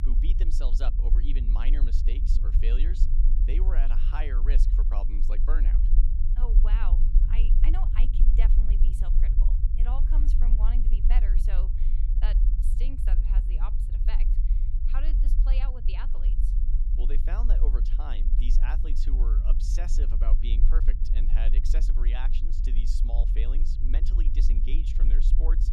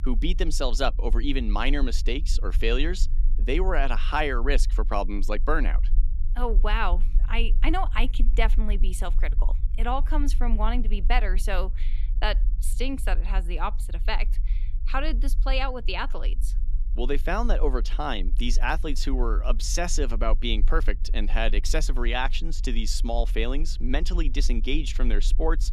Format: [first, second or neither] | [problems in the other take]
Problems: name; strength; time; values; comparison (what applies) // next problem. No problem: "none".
second | low rumble; loud; throughout; 6 dB below the speech; faint in the second